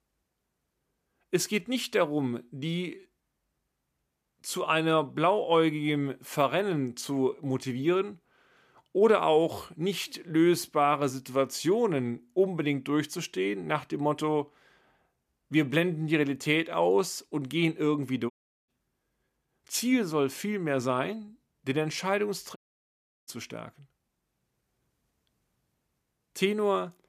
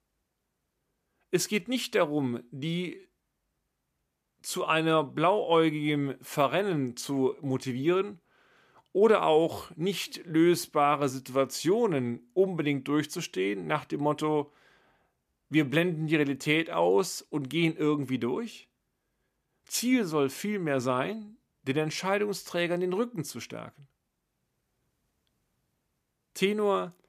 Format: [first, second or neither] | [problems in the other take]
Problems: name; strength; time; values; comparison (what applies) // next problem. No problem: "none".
second | audio cutting out; at 18 s and at 23 s for 0.5 s